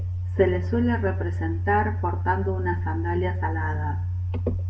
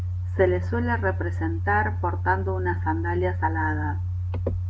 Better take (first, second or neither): second